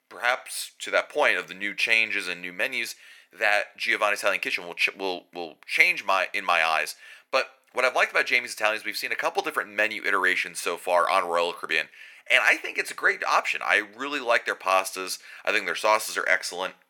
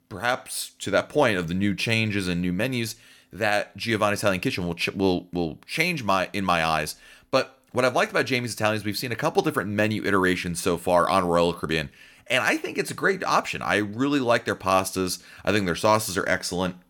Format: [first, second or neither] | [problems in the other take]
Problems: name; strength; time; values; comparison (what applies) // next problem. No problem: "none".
second | thin; very; fading below 600 Hz